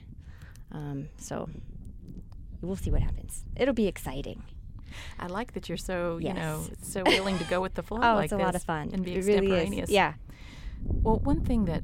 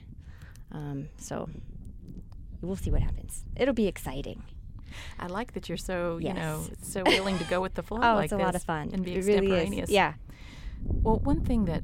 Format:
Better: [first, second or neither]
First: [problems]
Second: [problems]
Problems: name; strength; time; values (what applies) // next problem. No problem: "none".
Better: neither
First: wind noise on the microphone; occasional gusts; 20 dB below the speech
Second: wind noise on the microphone; occasional gusts; 20 dB below the speech